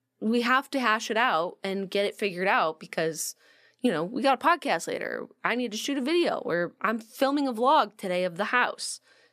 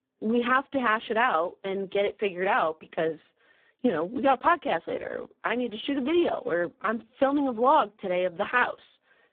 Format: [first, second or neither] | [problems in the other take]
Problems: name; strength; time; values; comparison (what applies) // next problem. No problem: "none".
first | phone-call audio; poor line